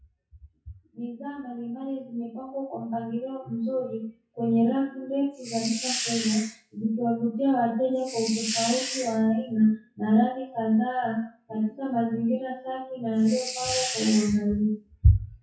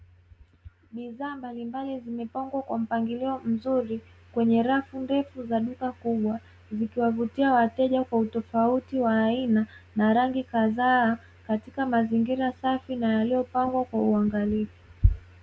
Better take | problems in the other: second | noise reduction (classical method WPE with log-MMSE)

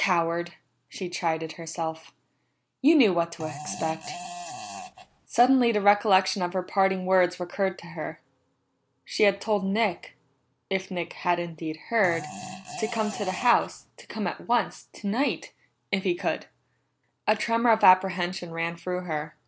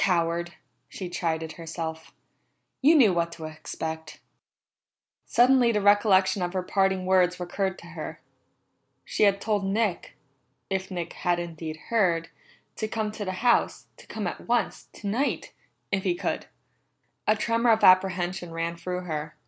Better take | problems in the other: second | background sound (Fart); 11 dB below the speech

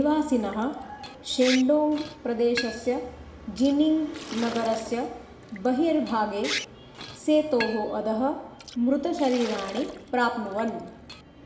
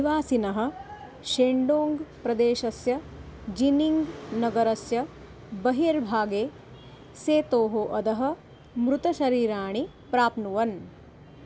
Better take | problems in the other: second | background sound (Liquid); 14 dB below the speech // room echo; dies away in 0.9 s

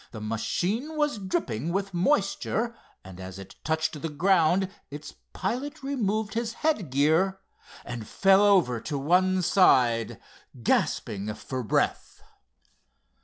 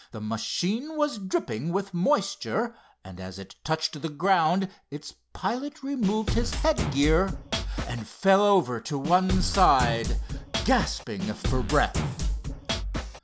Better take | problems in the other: first | background sound (Drum kit); 2 dB below the speech

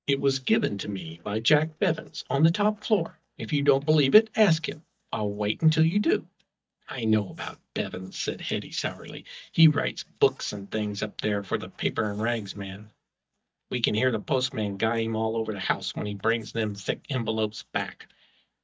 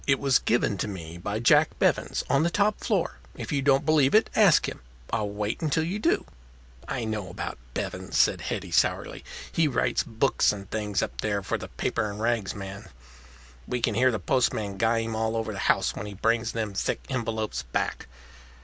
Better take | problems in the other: second | noise reduction (neural mask model DeepFilterNet 3)

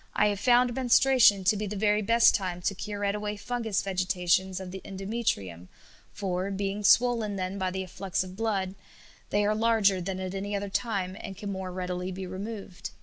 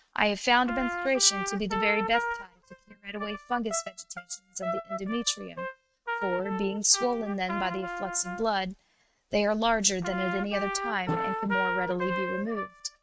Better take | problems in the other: first | noise reduction (neural mask model RNNoise)

